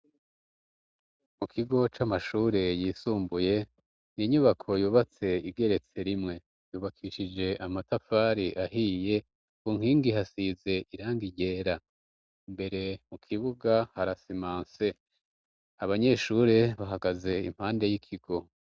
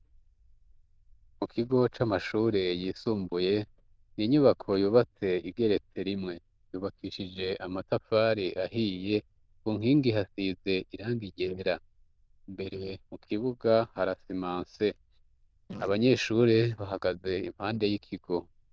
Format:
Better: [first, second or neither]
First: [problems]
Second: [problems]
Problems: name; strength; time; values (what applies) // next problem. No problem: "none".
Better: first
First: none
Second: noise reduction (neural diffusion model UNIVERSE++)